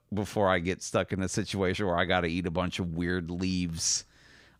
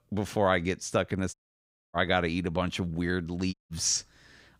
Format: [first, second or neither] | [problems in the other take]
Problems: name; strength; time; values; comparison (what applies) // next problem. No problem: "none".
first | audio cutting out; at 1.5 s for 0.5 s and at 3.5 s